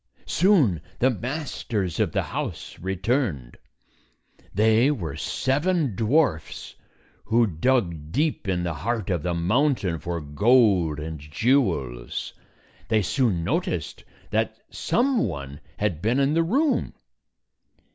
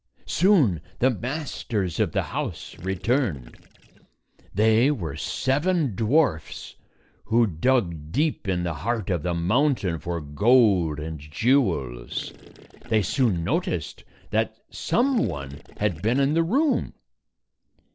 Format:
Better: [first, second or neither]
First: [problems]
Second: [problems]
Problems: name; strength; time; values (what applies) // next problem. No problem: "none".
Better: first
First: none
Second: noise reduction (neural separator model SepFormer DNS4)